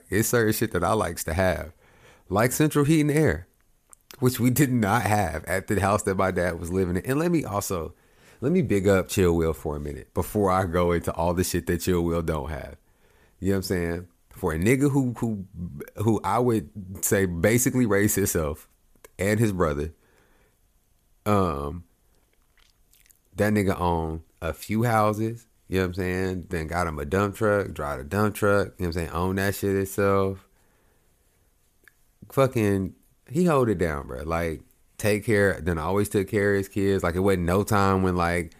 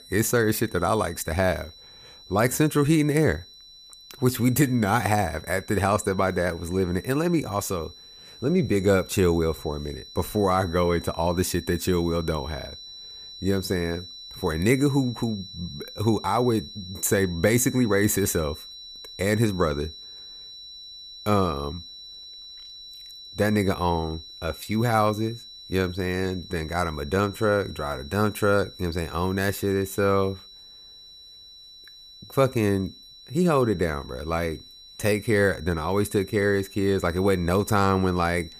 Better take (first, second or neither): first